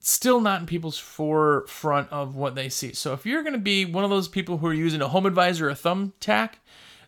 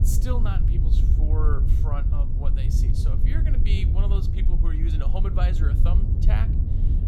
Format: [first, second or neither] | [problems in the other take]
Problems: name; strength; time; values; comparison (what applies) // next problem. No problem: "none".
first | wind noise on the microphone; heavy; 2 dB below the speech